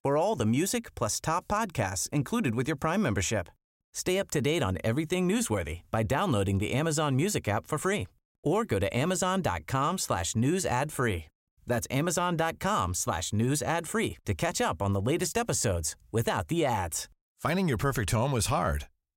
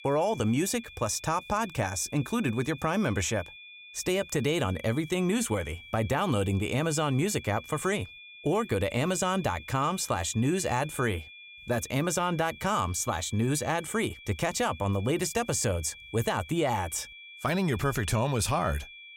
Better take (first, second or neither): first